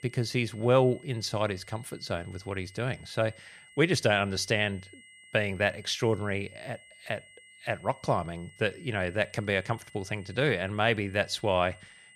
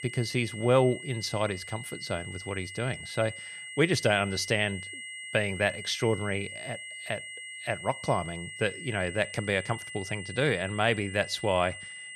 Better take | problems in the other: first | high-pitched whine; loud; throughout; 2 kHz, 10 dB below the speech; faint in the first

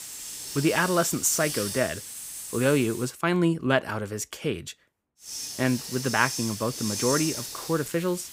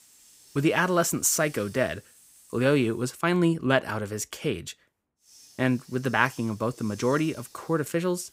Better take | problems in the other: second | hiss; loud; until 3 s and from 5.5 s on; 6 dB below the speech; faint in the second

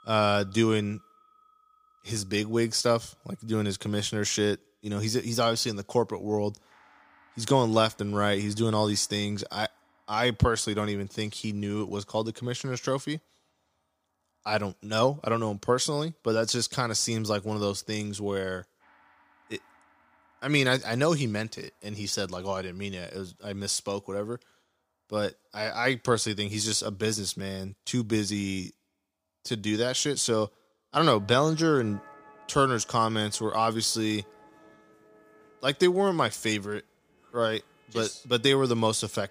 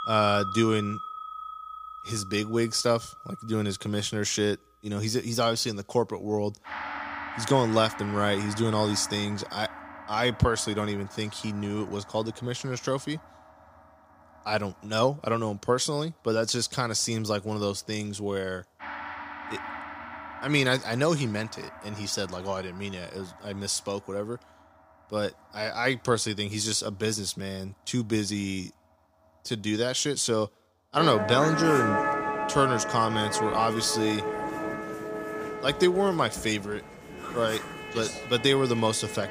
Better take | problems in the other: first | background music; loud; throughout; 7 dB below the speech; faint in the first

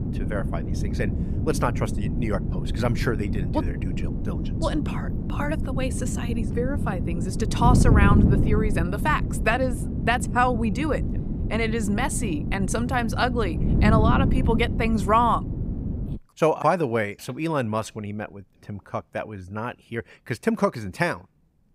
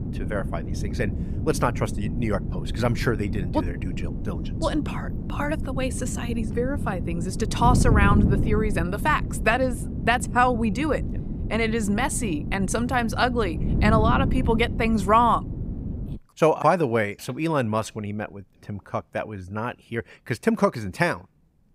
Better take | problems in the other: second | wind noise on the microphone; heavy; until 16 s; 9 dB below the speech; occasional gusts in the second

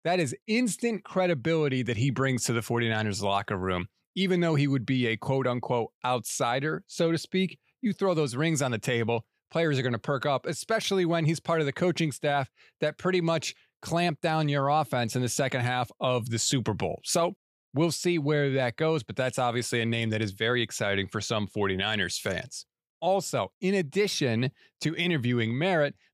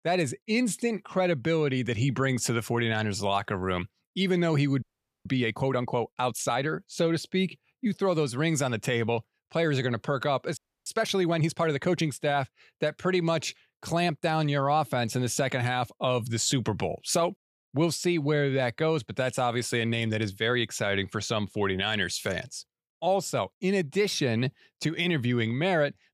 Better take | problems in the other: first | audio freezing; at 5 s and at 11 s

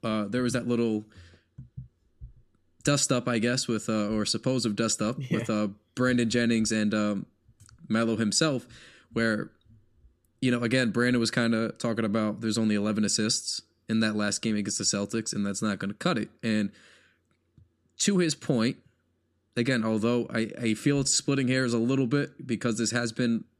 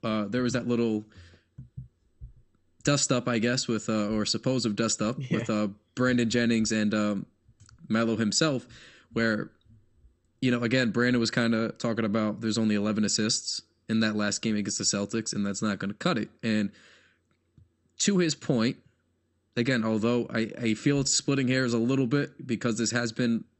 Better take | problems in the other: first | garbled, watery; slightly; nothing above 8 kHz

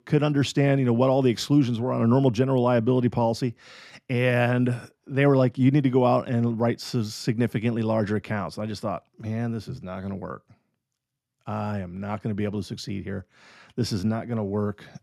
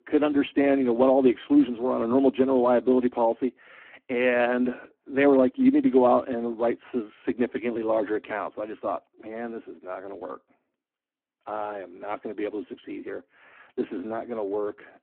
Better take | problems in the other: first | phone-call audio; poor line

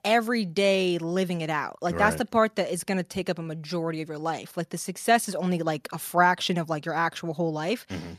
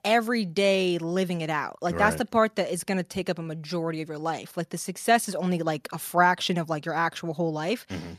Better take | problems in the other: neither | none

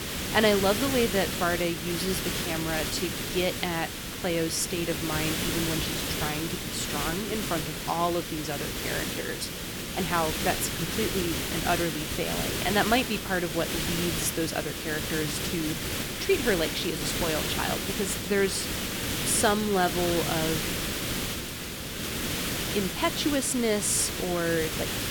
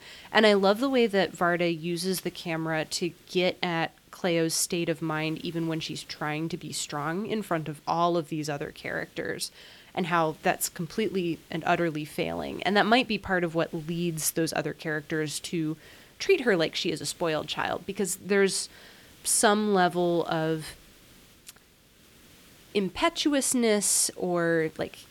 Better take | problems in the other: second | hiss; loud; throughout; 1 dB below the speech; faint in the second

